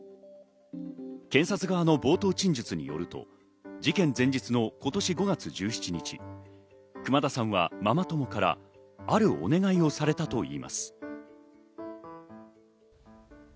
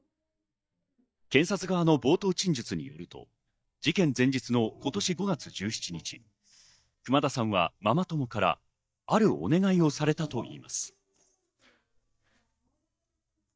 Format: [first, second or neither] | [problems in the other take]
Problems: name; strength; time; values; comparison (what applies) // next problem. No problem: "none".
first | noise reduction (neural mask model DeepFilterNet 3)